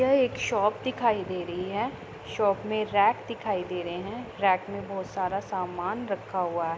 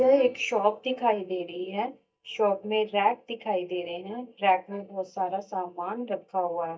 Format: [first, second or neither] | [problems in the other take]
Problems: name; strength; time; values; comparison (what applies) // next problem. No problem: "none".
first | noise reduction (neural mask model DeepFilterNet 3)